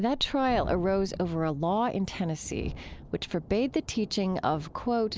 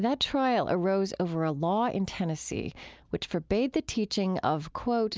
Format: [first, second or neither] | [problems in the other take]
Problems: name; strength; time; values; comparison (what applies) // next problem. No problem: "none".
second | background sound (Thunderstorm); 14 dB below the speech